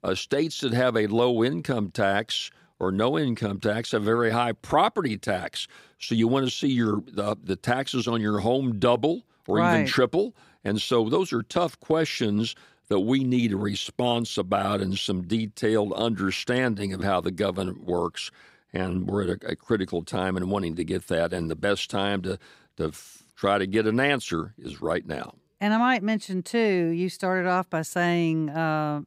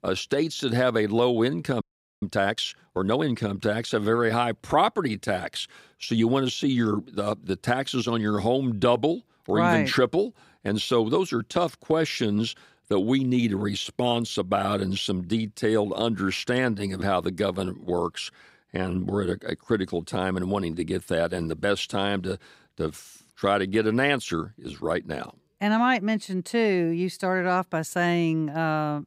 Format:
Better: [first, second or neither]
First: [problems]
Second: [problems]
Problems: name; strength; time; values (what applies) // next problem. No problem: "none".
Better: first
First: none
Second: audio freezing; at 2 s